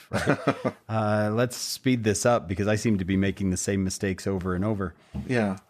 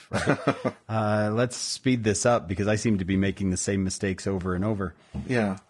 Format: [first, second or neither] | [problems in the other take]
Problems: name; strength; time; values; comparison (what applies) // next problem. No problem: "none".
first | garbled, watery; slightly